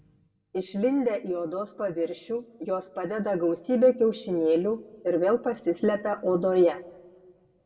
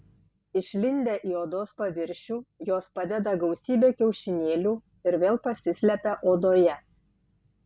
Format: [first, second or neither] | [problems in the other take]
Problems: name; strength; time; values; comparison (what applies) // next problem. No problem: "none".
second | room echo; dies away in 0.6 s